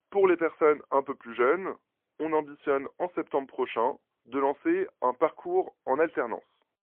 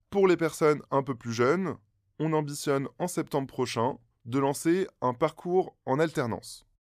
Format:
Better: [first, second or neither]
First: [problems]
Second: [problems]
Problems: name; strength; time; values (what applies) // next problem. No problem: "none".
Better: second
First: phone-call audio; poor line; nothing above 3 kHz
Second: none